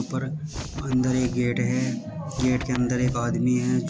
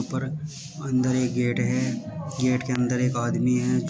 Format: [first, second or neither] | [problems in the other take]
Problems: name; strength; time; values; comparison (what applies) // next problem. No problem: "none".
second | background sound (Wind); 11 dB below the speech